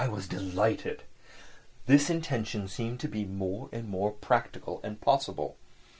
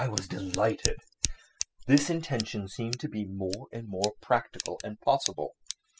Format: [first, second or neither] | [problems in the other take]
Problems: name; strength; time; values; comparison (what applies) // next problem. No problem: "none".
first | noise reduction (classical method spectral subtraction)